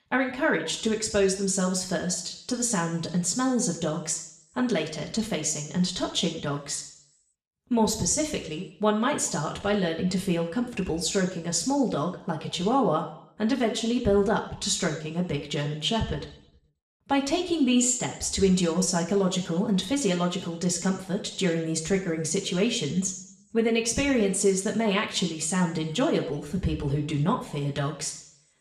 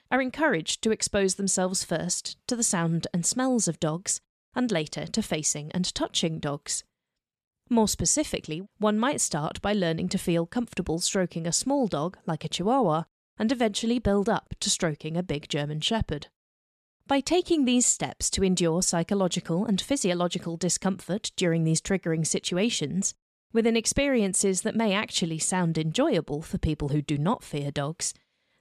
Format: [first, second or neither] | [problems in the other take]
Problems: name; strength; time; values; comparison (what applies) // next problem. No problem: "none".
second | room echo; slight; dies away in 0.6 s // off-mic speech; somewhat distant